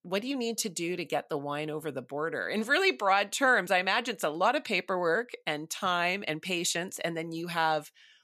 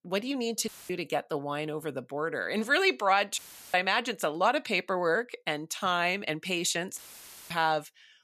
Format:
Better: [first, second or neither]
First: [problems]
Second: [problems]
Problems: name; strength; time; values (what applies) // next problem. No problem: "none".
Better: first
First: none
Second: audio cutting out; filled with static; at 0.5 s, at 3.5 s and at 7 s for 0.5 s